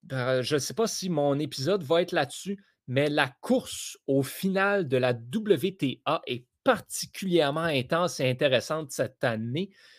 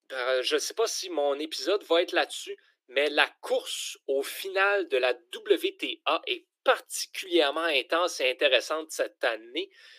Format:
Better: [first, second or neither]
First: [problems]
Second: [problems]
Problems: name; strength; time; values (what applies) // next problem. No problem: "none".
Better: first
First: none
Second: thin; very; fading below 300 Hz